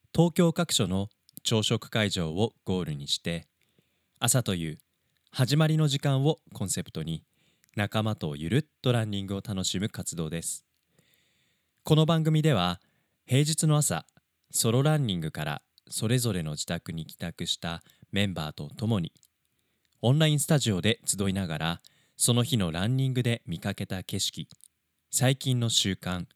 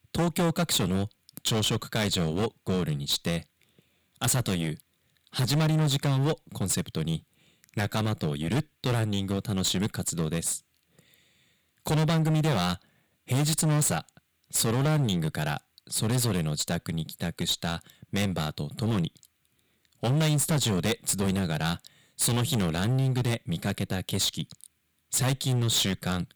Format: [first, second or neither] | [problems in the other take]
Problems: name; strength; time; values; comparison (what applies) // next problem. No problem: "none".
first | distortion; heavy; 17% of the sound clipped